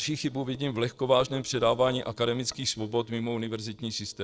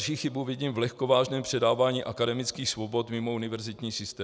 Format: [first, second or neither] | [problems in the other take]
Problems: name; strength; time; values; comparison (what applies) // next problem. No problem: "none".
second | noise reduction (neural separator model SepFormer DNS4)